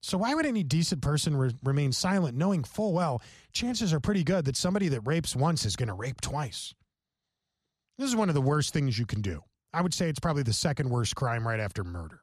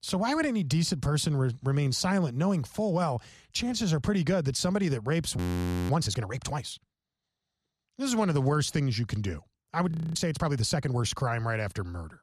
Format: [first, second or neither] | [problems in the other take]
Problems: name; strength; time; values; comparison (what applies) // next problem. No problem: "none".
first | audio freezing; at 5.5 s for 0.5 s and at 10 s